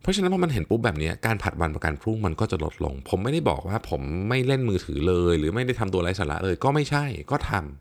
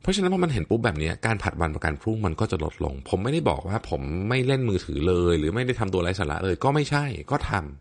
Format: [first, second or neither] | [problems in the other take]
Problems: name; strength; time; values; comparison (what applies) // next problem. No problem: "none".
first | garbled, watery; slightly; nothing above 9 kHz